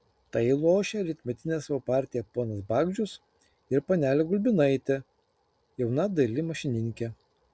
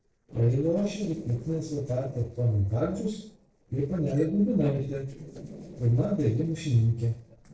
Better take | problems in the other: first | noise reduction (neural separator model SepFormer DNS4)

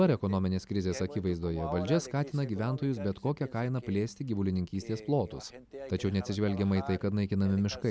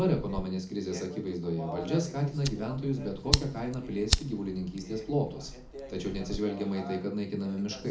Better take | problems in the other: first | background sound (Fire); 6 dB below the speech // room echo; dies away in 0.3 s

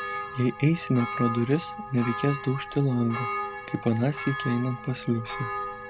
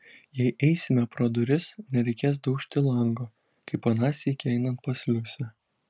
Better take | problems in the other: second | background sound (Church bell); 8 dB below the speech

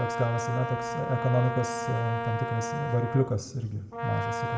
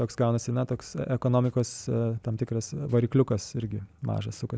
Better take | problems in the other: second | background sound (Brass instrument); 4 dB below the speech // room echo; dies away in 1.1 s

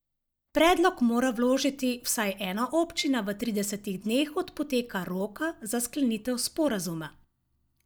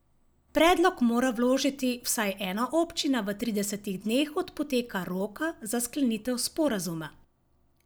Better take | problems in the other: second | noise reduction (neural mask model DeepFilterNet 3)

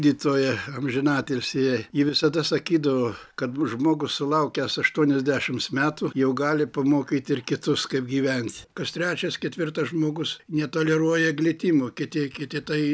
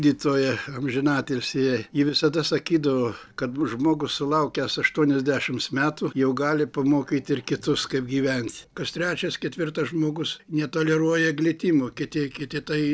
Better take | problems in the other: first | noise reduction (neural separator model SepFormer DNS4)

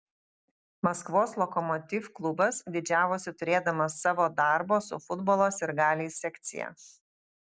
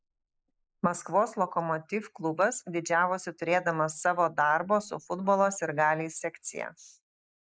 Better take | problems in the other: first | noise reduction (neural mask model Resemble Enhance denoiser)

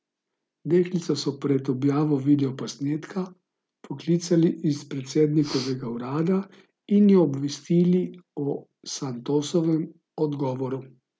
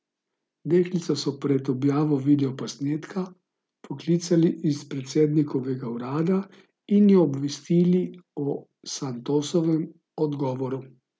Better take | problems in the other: second | background sound (Breathing); 15 dB below the speech

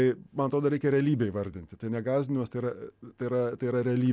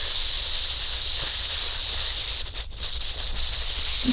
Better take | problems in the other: first | noise reduction (neural diffusion model UNIVERSE++)

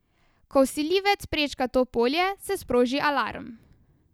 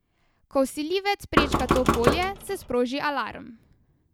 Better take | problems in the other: first | background sound (Knock); 2 dB above the speech

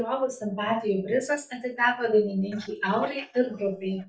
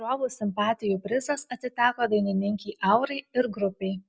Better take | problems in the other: second | noise reduction (neural mask model DeepFilterNet 3)

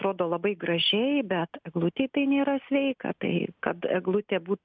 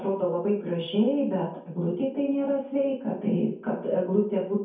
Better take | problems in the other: first | room echo; dies away in 0.6 s

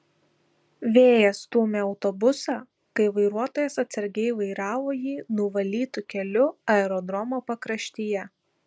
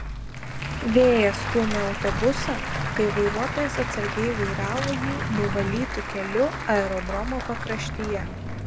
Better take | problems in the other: first | background sound (Engine / Car + Applause); 3 dB below the speech

